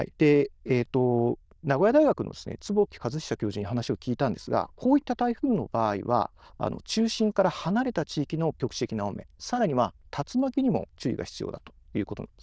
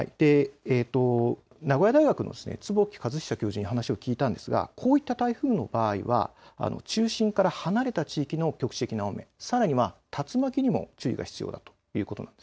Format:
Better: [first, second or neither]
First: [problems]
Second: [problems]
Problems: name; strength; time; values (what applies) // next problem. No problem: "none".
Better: second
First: noise reduction (neural diffusion model UNIVERSE++)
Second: none